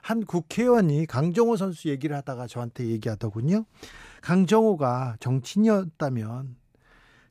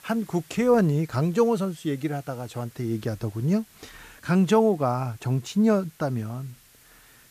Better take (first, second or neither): first